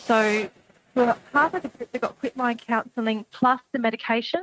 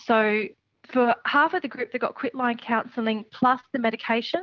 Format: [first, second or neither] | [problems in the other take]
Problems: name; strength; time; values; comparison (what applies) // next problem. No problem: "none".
second | noise reduction (neural mask model RNNoise)